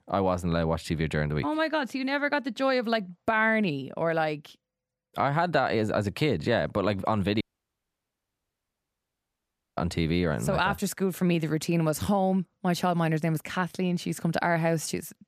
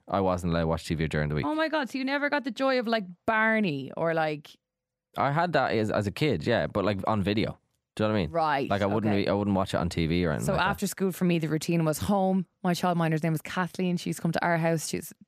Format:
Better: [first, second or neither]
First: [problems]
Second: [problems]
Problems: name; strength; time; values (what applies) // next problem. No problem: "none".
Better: second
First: audio cutting out; at 7.5 s for 2.5 s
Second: none